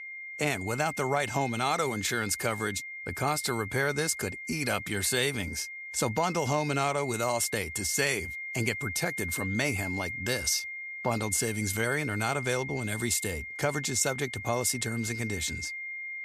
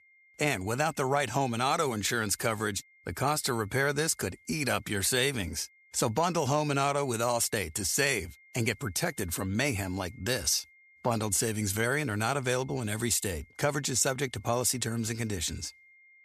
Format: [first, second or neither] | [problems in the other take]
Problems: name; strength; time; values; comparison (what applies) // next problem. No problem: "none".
second | high-pitched whine; loud; throughout; 2 kHz, 7 dB below the speech; faint in the second